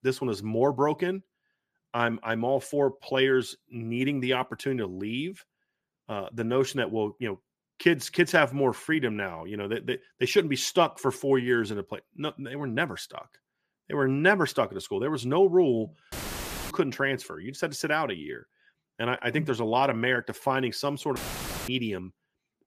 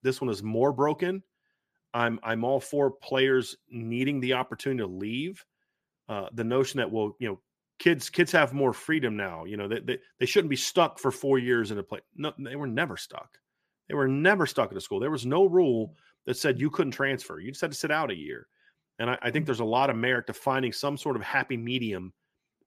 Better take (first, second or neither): second